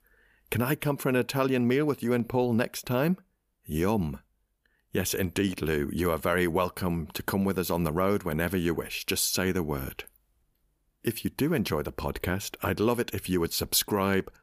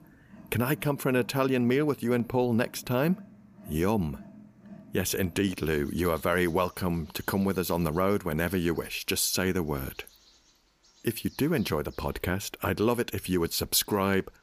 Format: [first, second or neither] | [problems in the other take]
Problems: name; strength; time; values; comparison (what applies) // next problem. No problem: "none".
first | animal sounds; faint; throughout; 25 dB below the speech